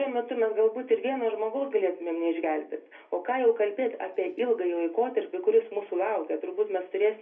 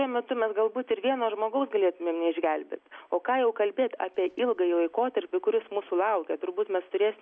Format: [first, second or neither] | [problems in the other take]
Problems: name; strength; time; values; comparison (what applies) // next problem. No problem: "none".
second | room echo; dies away in 0.3 s